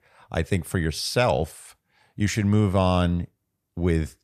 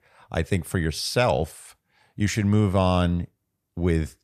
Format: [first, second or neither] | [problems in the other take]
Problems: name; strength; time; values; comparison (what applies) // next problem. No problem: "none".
neither | none